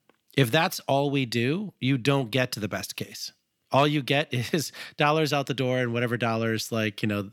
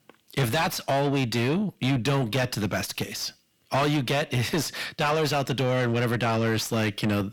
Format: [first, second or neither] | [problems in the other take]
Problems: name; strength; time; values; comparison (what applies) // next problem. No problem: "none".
first | distortion; heavy; 6 dB below the speech